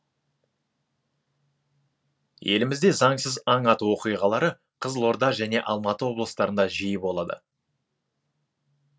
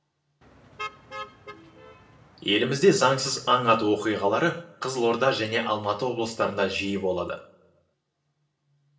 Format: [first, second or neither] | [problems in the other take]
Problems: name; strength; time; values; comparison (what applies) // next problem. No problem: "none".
first | background sound (Motor vehicle (road)); 17 dB below the speech // room echo; dies away in 0.6 s